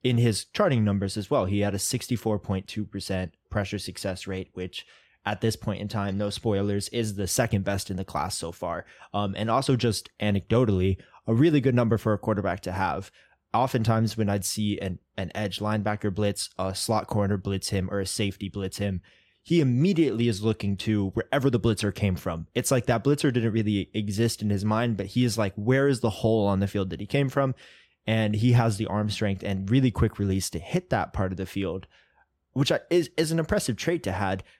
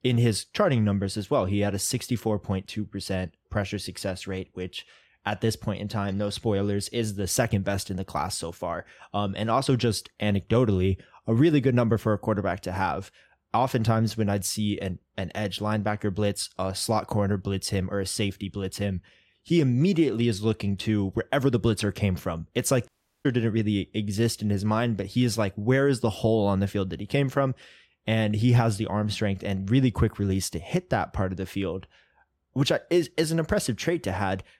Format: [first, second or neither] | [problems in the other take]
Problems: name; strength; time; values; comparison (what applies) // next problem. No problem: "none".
first | audio cutting out; at 23 s